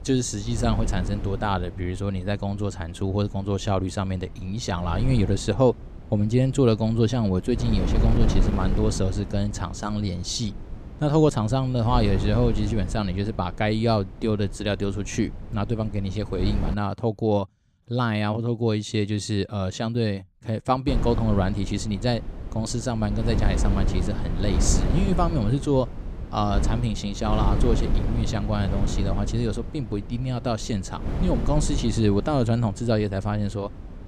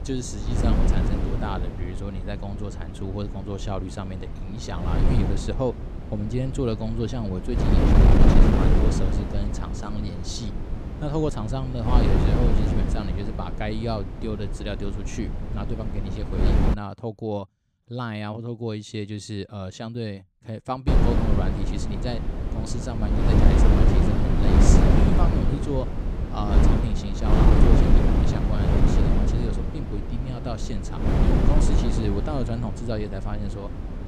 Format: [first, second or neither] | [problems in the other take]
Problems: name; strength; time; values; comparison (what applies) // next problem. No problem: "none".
first | wind noise on the microphone; heavy; until 17 s and from 21 s on; 3 dB above the speech; occasional gusts in the first